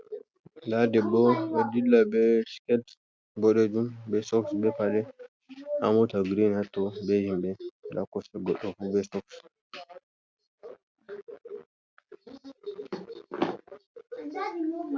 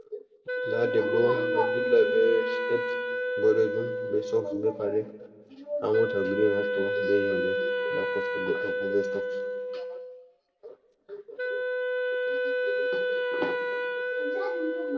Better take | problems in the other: first | background sound (Wind instrument, woodwind instrument); as loud as the speech // room echo; dies away in 1.2 s

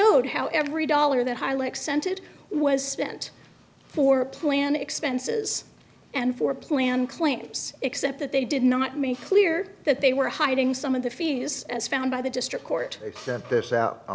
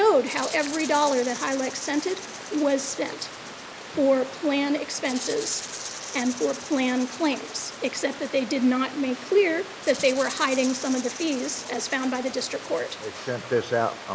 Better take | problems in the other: first | background sound (Water + Rattle (instrument)); 12 dB below the speech

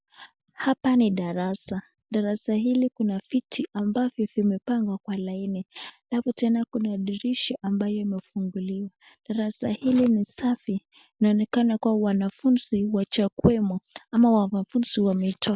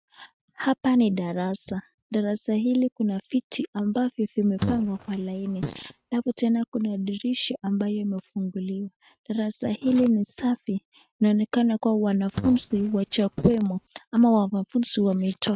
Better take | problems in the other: first | noise reduction (neural mask model RNNoise)

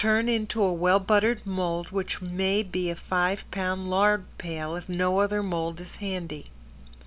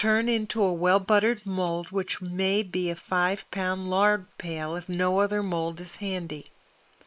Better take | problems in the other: first | noise reduction (neural mask model Resemble Enhance denoiser)

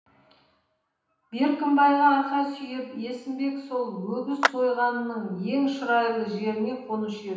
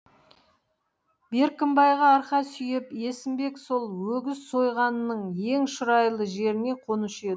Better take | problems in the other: second | background sound (Clapping); 5 dB below the speech // room echo; dies away in 0.9 s

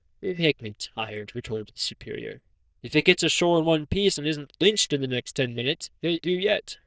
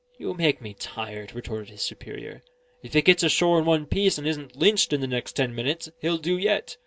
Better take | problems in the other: second | noise reduction (neural diffusion model UNIVERSE++)

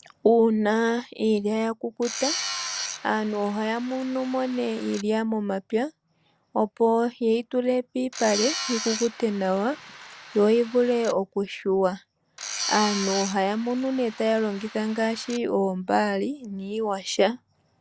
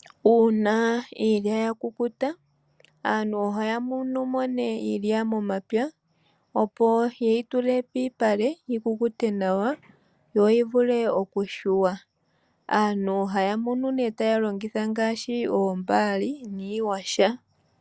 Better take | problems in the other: second | background sound (Tools); 9 dB below the speech

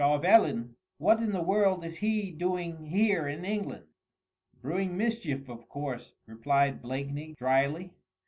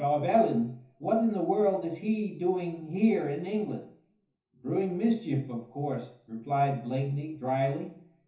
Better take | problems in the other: first | room echo; dies away in 0.7 s

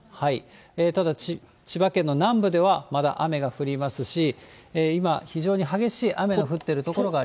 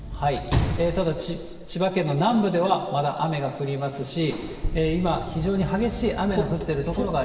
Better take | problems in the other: first | background sound (Sliding door / Slam); 8 dB below the speech // room echo; dies away in 2.1 s

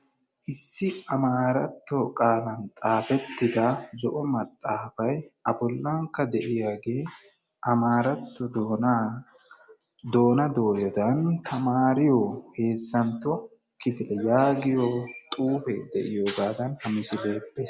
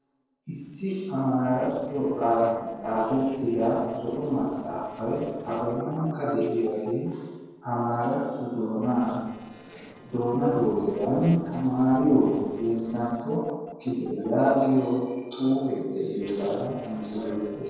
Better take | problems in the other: first | noise reduction (neural separator model SepFormer DNS4)

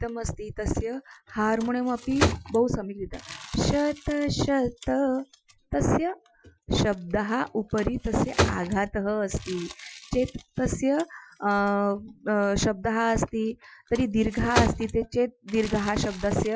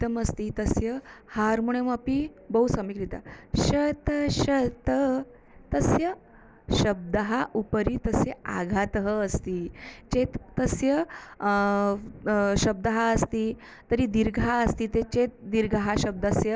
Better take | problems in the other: second | noise reduction (classical method Wiener filter)

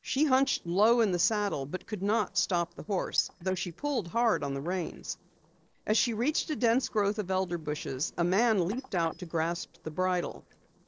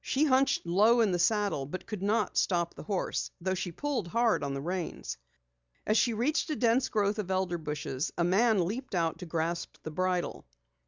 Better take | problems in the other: second | noise reduction (neural separator model SepFormer DNS4)

